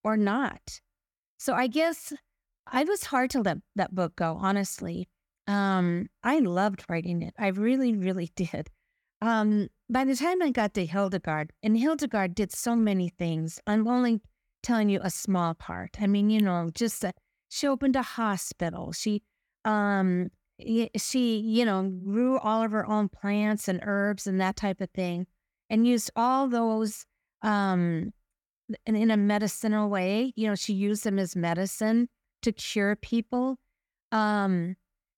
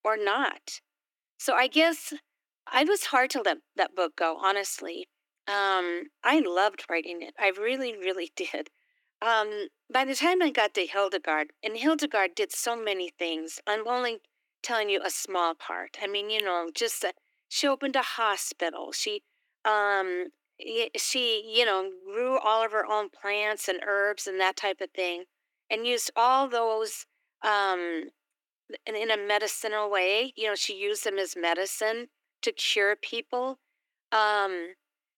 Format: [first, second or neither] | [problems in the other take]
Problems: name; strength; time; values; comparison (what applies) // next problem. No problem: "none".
first | thin; very; fading below 300 Hz